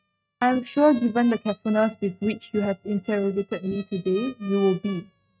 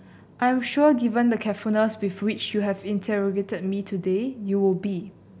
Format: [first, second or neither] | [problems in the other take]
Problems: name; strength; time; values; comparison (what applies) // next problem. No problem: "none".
second | noise reduction (neural mask model RNNoise)